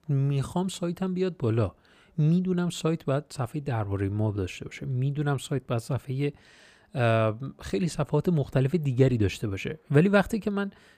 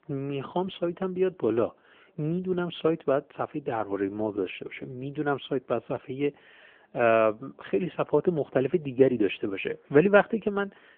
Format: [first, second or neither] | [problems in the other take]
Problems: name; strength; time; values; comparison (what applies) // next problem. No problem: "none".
first | phone-call audio; nothing above 3.5 kHz